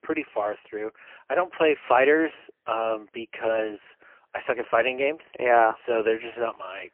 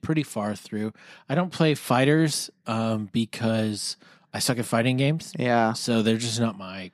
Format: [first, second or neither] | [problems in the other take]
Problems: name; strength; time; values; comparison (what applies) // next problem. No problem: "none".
second | phone-call audio; poor line; nothing above 3 kHz